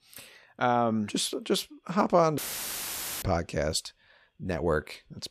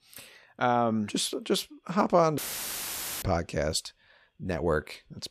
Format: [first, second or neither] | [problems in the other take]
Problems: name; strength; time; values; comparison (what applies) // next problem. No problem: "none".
neither | audio cutting out; filled with static; at 2.5 s for 1 s; the same in both